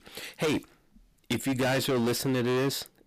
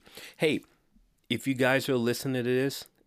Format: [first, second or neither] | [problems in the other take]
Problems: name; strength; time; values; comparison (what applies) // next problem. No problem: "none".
second | distortion; heavy; 22% of the sound clipped